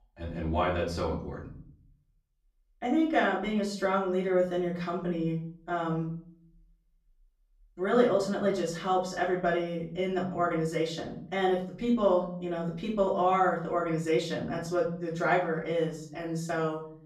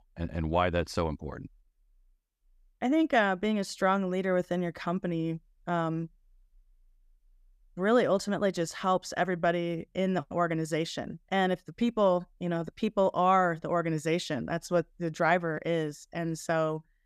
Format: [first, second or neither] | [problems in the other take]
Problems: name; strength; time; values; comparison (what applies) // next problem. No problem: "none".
second | off-mic speech; far // room echo; slight; dies away in 0.5 s